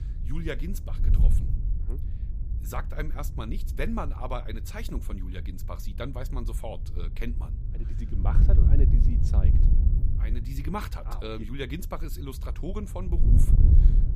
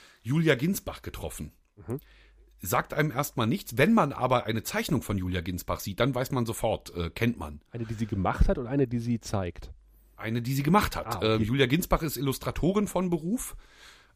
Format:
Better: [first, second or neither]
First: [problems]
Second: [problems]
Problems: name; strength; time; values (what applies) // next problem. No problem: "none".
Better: second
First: wind noise on the microphone; heavy; 6 dB below the speech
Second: none